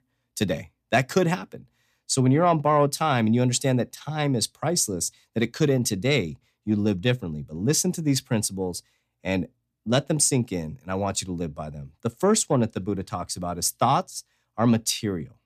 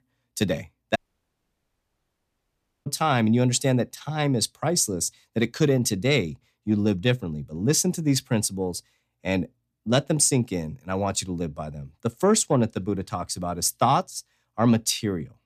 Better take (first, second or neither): first